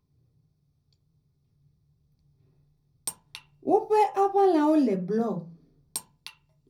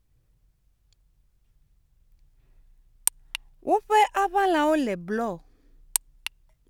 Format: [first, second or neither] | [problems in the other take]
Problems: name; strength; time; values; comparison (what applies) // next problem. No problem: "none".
second | room echo; dies away in 0.4 s